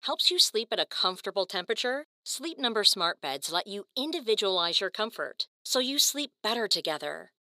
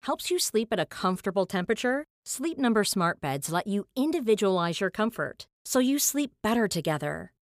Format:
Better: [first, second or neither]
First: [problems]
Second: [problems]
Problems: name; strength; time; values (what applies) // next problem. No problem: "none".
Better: second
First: thin; somewhat; fading below 450 Hz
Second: none